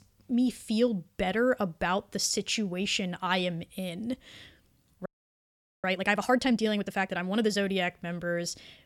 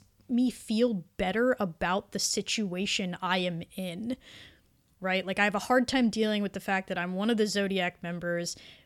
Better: second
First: audio freezing; at 5 s for 1 s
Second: none

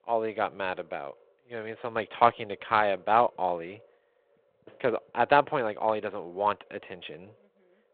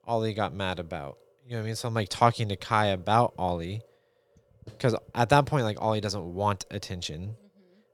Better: second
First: phone-call audio; nothing above 4 kHz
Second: none

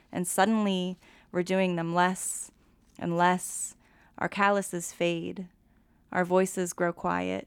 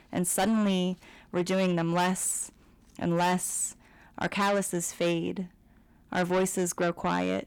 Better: first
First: none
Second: distortion; heavy; 7 dB below the speech

